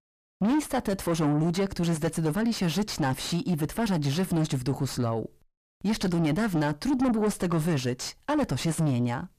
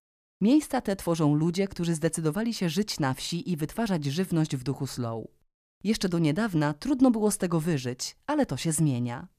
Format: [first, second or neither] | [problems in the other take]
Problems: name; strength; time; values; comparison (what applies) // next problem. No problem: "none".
second | distortion; heavy; 6 dB below the speech